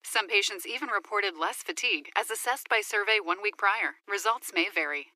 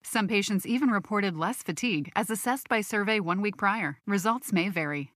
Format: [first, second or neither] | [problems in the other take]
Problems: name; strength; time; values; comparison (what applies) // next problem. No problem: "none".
second | thin; very; fading below 350 Hz